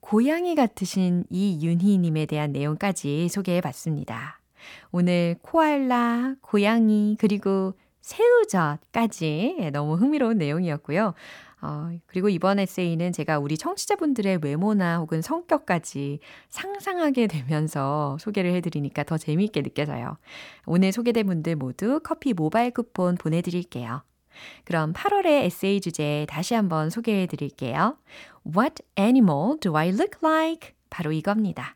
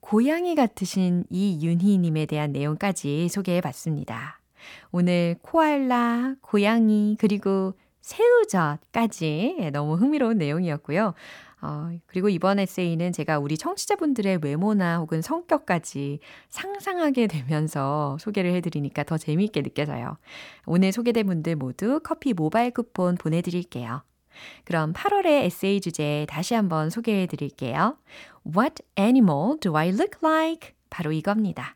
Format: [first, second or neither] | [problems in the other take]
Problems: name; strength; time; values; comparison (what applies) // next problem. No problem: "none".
neither | none